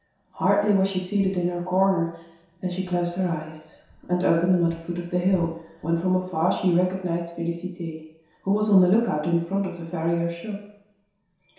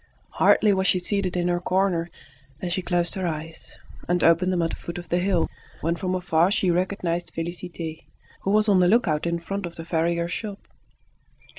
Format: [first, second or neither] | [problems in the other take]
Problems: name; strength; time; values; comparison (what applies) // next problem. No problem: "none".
second | room echo; dies away in 0.7 s